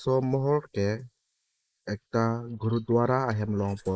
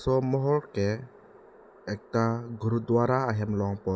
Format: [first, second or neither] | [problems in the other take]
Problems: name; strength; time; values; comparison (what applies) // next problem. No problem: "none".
second | noise reduction (neural mask model Resemble Enhance denoiser)